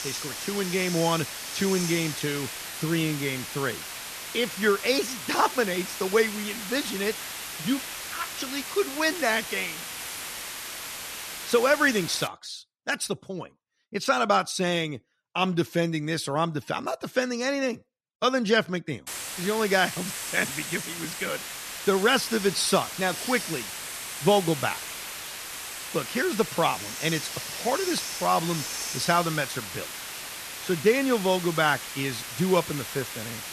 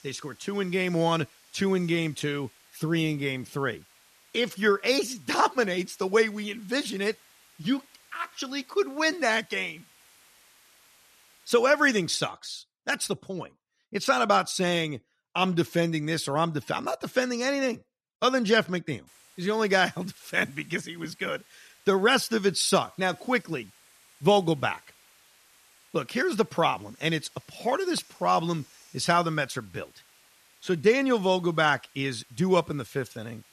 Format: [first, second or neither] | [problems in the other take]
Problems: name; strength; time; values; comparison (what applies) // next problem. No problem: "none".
second | hiss; loud; until 12 s and from 19 s on; 7 dB below the speech; faint in the second